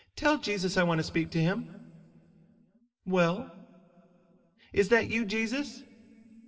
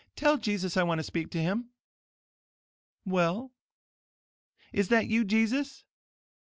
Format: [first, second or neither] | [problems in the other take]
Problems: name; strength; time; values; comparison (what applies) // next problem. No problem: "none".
second | room echo; dies away in 2 s